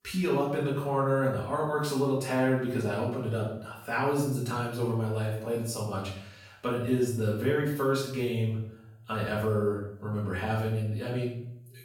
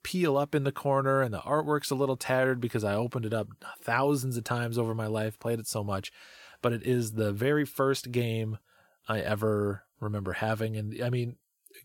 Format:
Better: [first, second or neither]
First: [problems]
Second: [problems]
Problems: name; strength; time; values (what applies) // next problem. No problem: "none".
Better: second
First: room echo; noticeable; dies away in 0.6 s // off-mic speech; far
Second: none